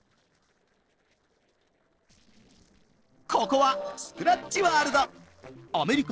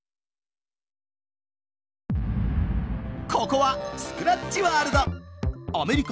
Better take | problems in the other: second | noise reduction (neural separator model SepFormer DNS4)

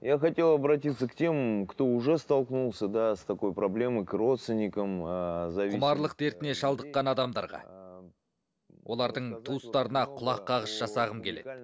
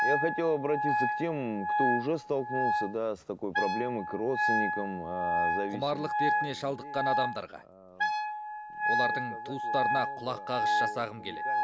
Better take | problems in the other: first | background sound (Wind instrument, woodwind instrument); 3 dB above the speech

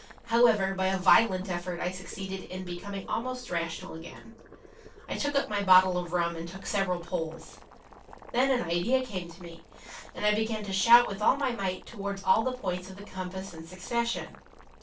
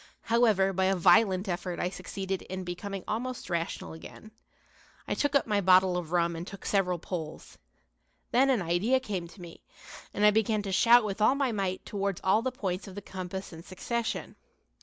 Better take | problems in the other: second | background sound (Boiling); 20 dB below the speech // room echo; dies away in 0.2 s

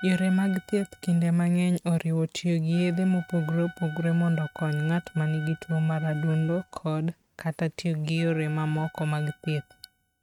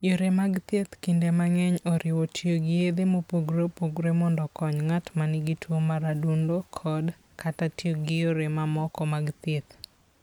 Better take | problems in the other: second | noise reduction (neural mask model RNNoise)

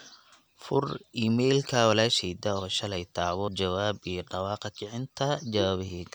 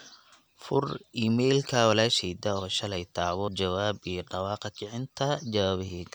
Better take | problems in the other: second | background sound (Wind instrument, woodwind instrument); 12 dB below the speech

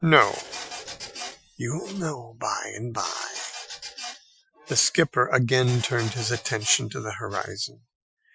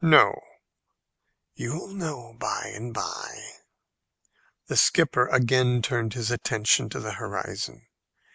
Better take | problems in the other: second | noise reduction (classical method Wiener filter)

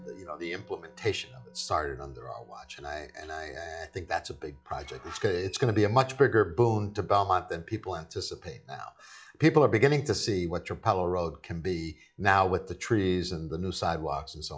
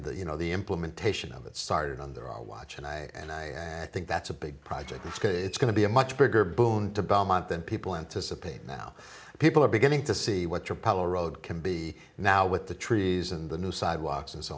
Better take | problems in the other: second | noise reduction (classical method log-MMSE)

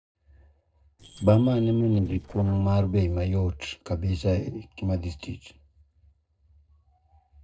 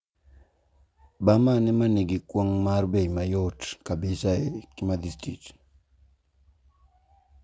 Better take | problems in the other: second | noise reduction (neural separator model SepFormer DNS4)

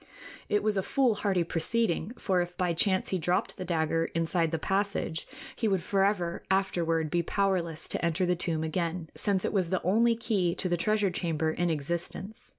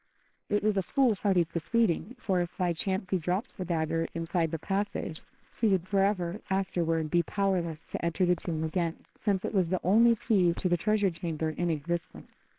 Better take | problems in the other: first | noise reduction (neural separator model SepFormer WHAMR!)

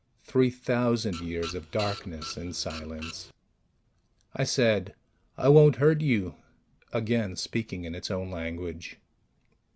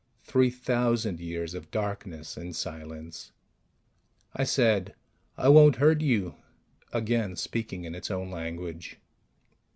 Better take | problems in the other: second | background sound (Printer); 14 dB below the speech

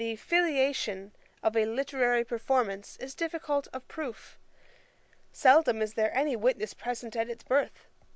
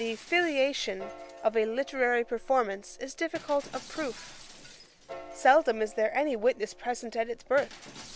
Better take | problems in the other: first | background sound (Shatter + Piano); 19 dB below the speech

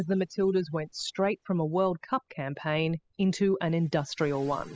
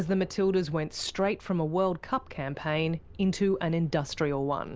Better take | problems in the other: second | noise reduction (classical method spectral subtraction)

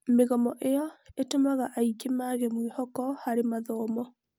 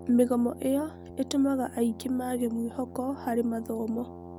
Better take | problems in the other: first | background sound (Brass instrument); 16 dB below the speech

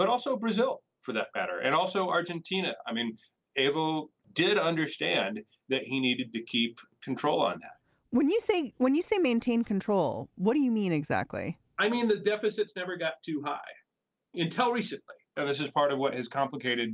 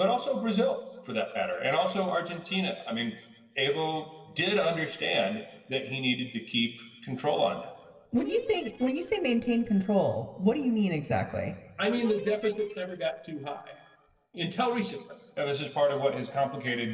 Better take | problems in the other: first | noise reduction (neural separator model SepFormer DNS4)

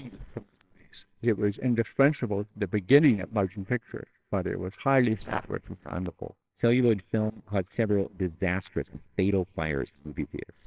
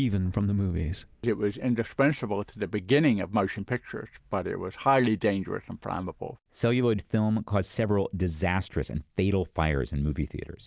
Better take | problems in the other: second | noise reduction (neural separator model SepFormer WHAMR!)

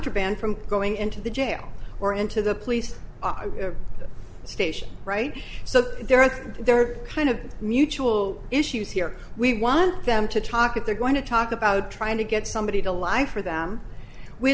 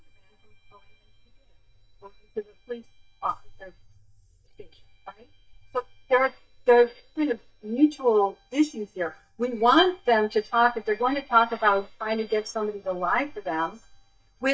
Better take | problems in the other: first | noise reduction (neural mask model DeepFilterNet 3)

